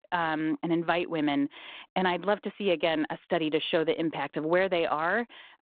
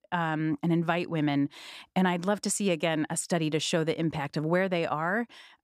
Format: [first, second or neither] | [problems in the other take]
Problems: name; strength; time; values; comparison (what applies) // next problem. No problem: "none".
second | phone-call audio